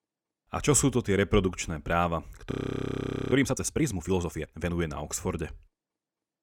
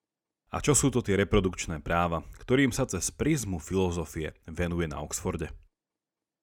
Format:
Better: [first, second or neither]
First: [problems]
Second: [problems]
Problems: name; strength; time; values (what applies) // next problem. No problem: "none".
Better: second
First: audio freezing; at 2.5 s for 1 s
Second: none